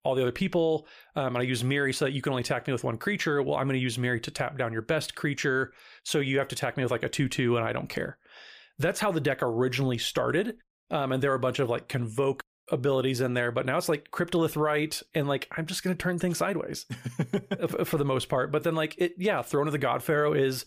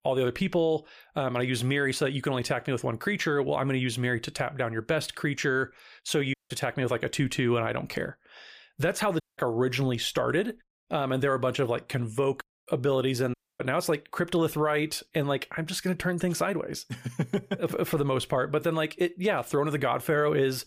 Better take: first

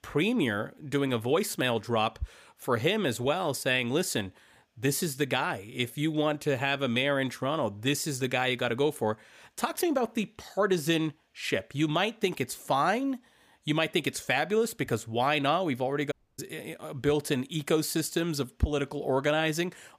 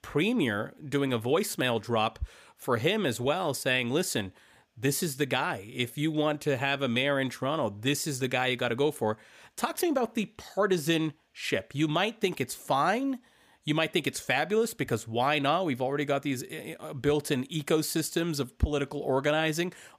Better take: second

